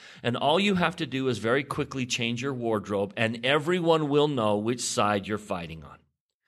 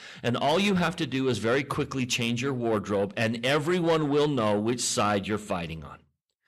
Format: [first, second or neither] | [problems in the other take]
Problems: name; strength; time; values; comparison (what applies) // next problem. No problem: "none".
first | distortion; slight; 10 dB below the speech